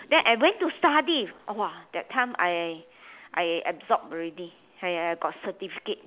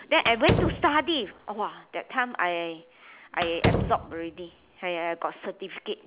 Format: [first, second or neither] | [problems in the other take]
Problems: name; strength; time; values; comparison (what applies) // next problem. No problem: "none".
first | background sound (Slam); 1 dB below the speech